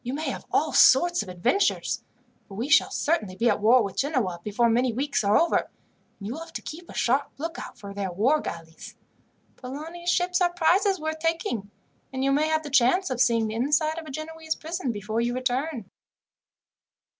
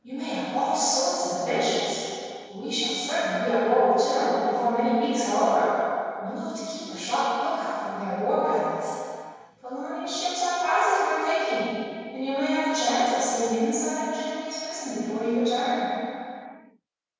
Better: first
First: none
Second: room echo; dies away in 2.2 s

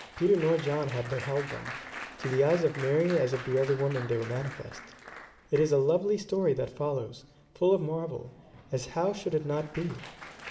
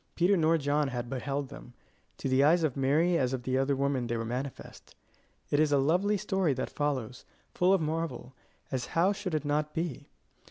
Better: second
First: background sound (Applause); 15 dB below the speech // room echo; dies away in 0.9 s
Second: none

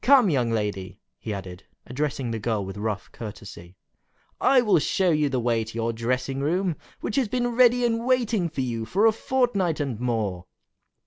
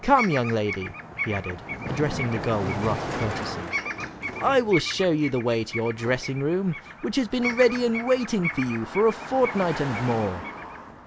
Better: first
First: none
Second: background sound (Bird vocalization, bird call, bird song + Car passing by); 8 dB below the speech

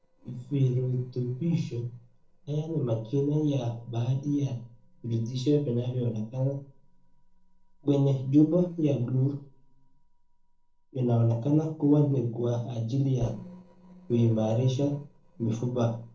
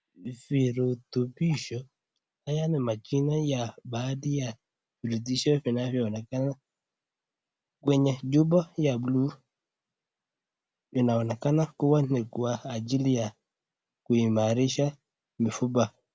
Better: second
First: noise reduction (neural separator model SepFormer DNS4)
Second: none

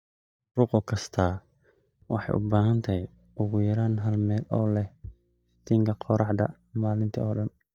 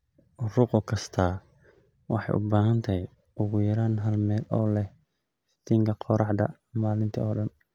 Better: second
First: noise reduction (neural mask model DeepFilterNet 3)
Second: none

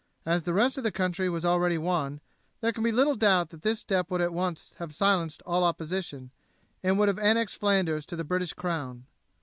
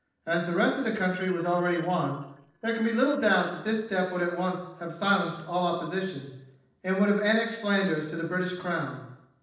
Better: first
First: none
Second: noise reduction (neural separator model SepFormer DNS4)

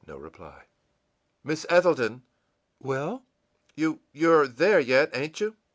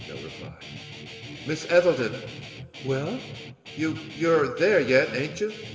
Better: first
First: none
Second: background sound (Guitar); 13 dB below the speech // room echo; dies away in 2.4 s

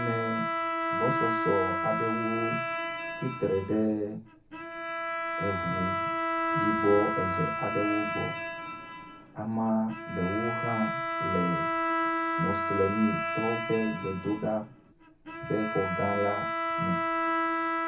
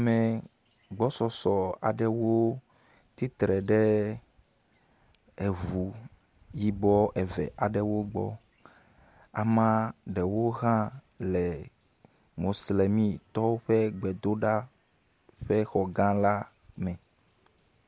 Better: second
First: background sound (Bowed string instrument); as loud as the speech // room echo; dies away in 0.3 s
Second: none

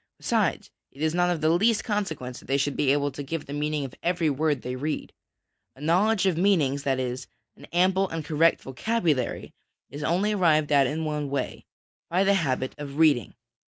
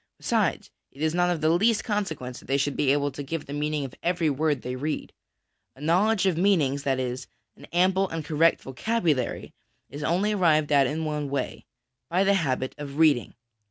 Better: second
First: noise reduction (neural mask model Resemble Enhance denoiser)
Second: none

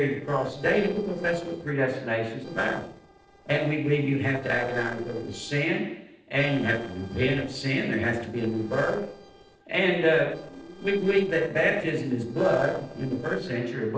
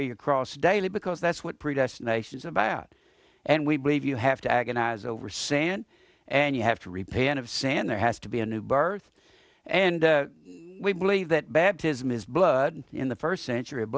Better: second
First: noise reduction (neural separator model SepFormer DNS4)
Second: none

